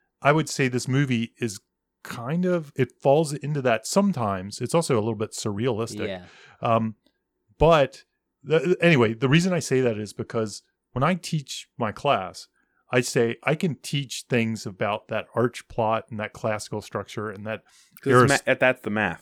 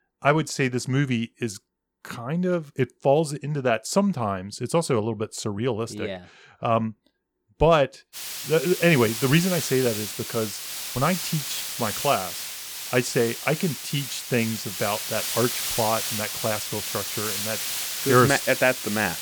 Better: first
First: none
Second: hiss; loud; from 8 s on; 4 dB below the speech

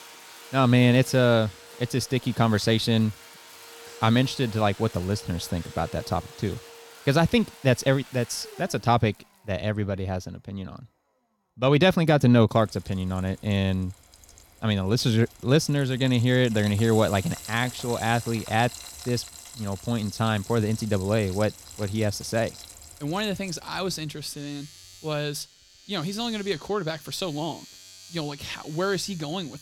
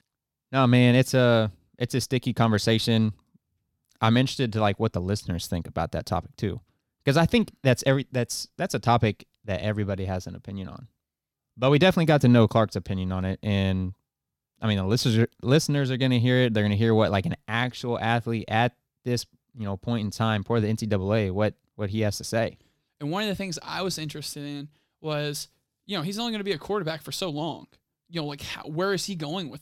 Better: second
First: household noises; noticeable; throughout; 20 dB below the speech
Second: none

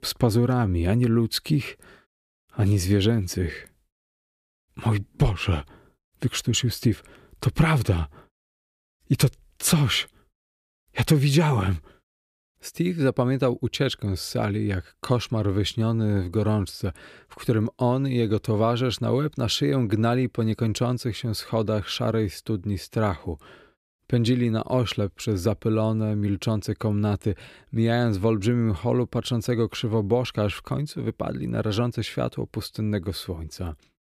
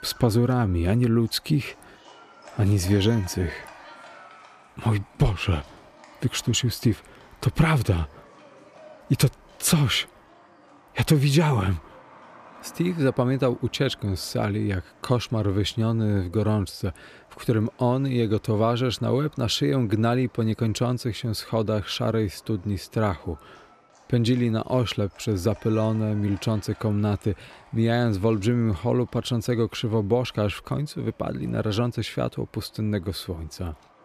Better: first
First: none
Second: animal sounds; faint; throughout; 25 dB below the speech

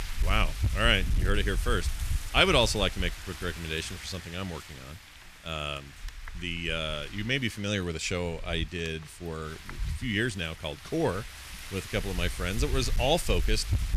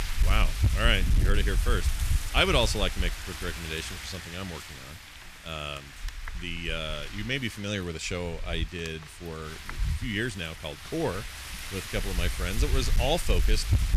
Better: first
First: wind noise on the microphone; occasional gusts; 15 dB below the speech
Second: wind noise on the microphone; heavy; 8 dB below the speech

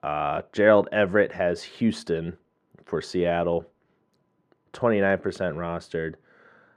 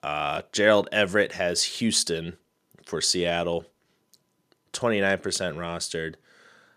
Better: second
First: muffled; very; fading above 3 kHz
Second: none

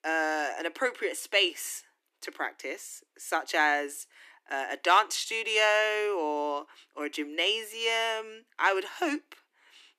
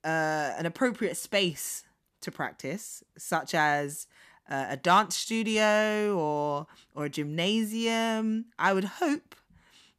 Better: second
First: thin; somewhat; fading below 300 Hz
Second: none

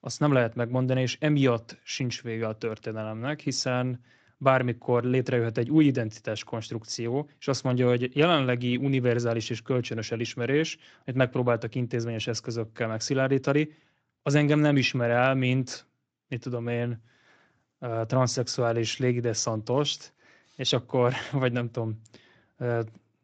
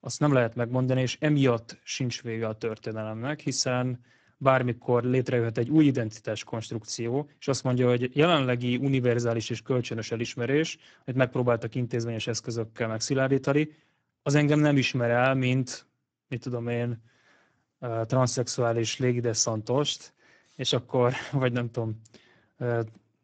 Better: first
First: garbled, watery; slightly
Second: garbled, watery; badly

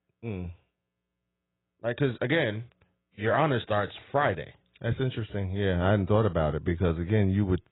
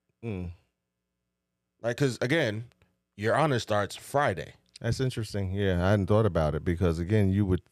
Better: second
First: garbled, watery; badly; nothing above 4 kHz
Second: none

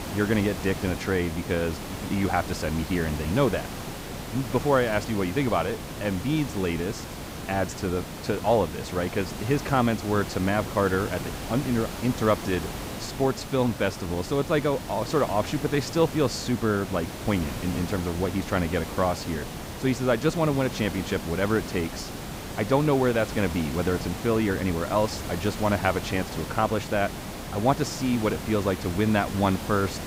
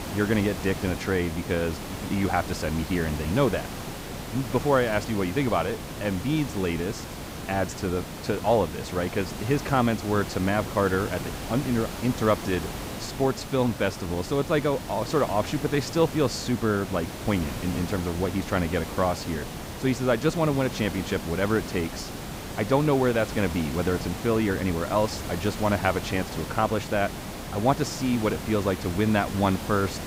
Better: neither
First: hiss; loud; throughout; 9 dB below the speech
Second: hiss; loud; throughout; 9 dB below the speech

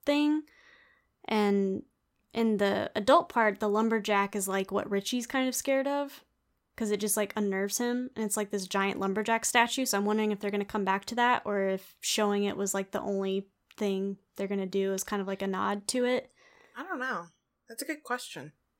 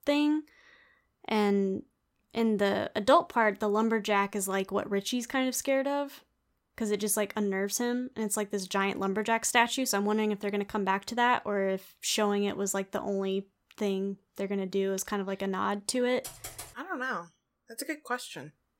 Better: first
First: none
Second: keyboard typing; faint; at 16 s; peak 10 dB below the speech

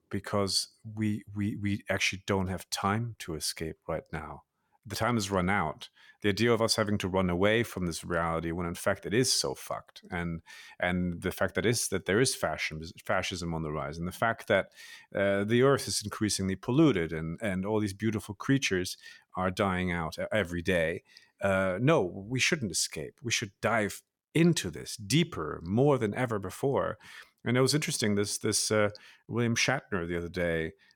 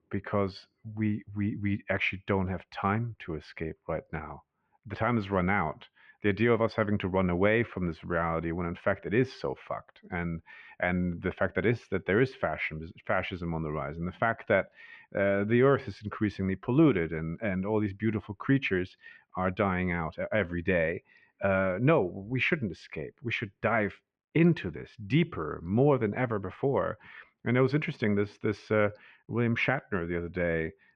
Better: first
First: none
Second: muffled; very; fading above 2.5 kHz

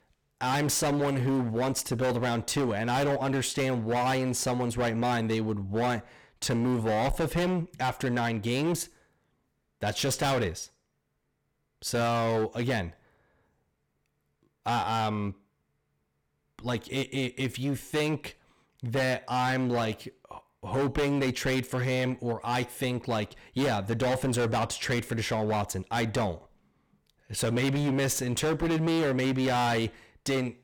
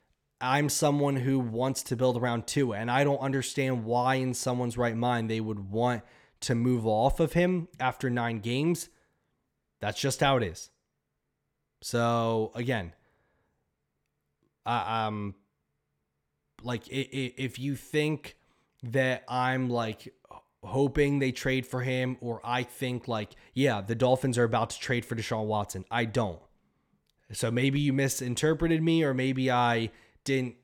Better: second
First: distortion; heavy; 19% of the sound clipped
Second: none

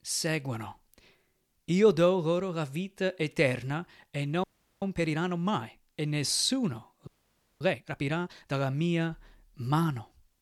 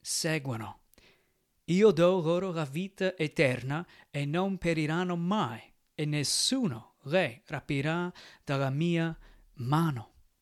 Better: second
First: audio freezing; at 4.5 s and at 7 s for 0.5 s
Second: none

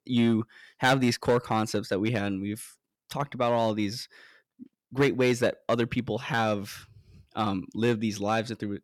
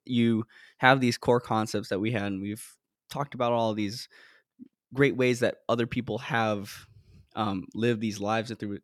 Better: second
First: distortion; slight; 1.9% of the sound clipped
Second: none

